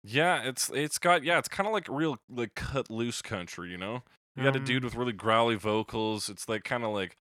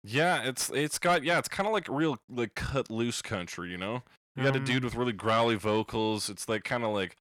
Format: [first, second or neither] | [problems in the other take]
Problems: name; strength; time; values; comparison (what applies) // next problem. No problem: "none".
first | distortion; slight; 10 dB below the speech